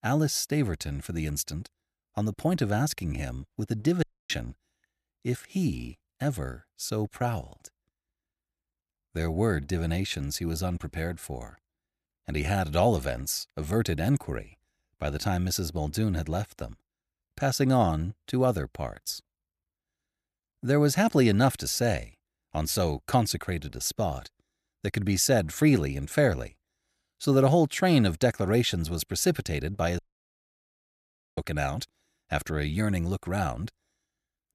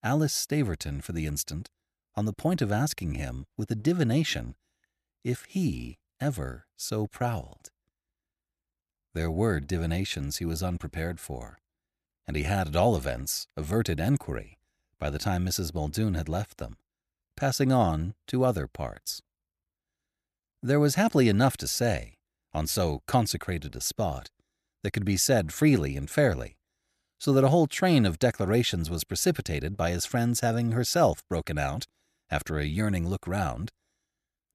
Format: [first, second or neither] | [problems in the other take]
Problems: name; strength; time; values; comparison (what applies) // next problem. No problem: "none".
second | audio cutting out; at 4 s and at 30 s for 1.5 s